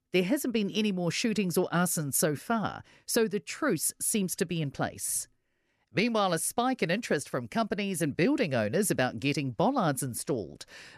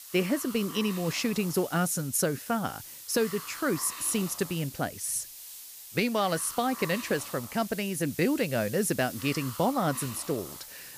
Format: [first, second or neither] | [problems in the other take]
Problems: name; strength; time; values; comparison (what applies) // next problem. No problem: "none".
first | hiss; noticeable; throughout; 10 dB below the speech